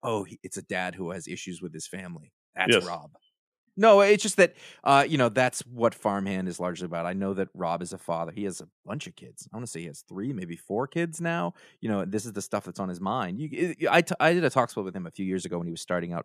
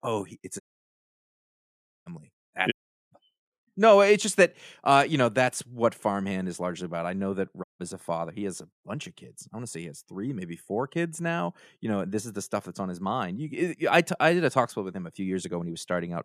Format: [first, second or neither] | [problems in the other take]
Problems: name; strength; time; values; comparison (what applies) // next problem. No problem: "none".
first | audio cutting out; at 0.5 s for 1.5 s, at 2.5 s and at 7.5 s